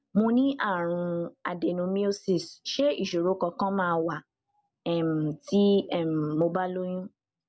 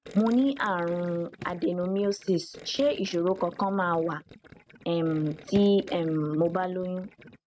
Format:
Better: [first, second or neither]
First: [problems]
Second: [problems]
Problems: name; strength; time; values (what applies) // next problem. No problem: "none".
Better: first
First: none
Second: noise reduction (neural mask model RNNoise)